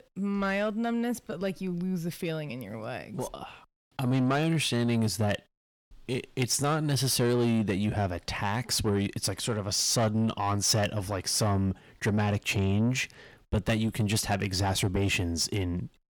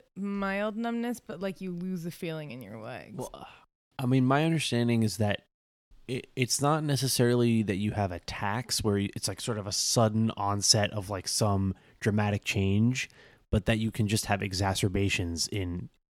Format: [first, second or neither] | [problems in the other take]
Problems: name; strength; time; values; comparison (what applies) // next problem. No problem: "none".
second | distortion; slight; 10 dB below the speech